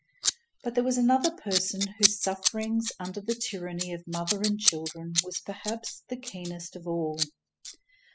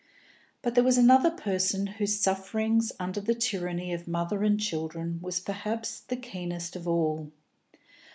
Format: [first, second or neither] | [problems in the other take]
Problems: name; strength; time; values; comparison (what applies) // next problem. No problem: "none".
second | noise reduction (classical method spectral subtraction)